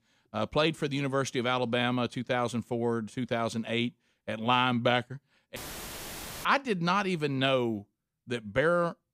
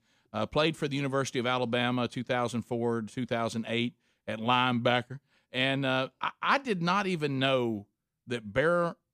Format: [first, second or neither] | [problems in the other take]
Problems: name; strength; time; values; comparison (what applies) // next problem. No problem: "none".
second | audio cutting out; filled with static; at 5.5 s for 1 s